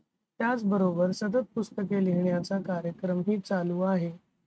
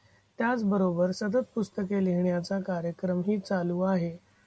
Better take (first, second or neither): second